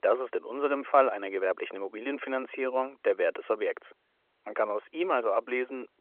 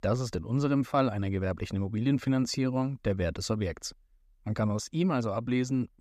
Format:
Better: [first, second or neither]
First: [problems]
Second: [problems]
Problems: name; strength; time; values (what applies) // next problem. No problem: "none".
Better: second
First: phone-call audio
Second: none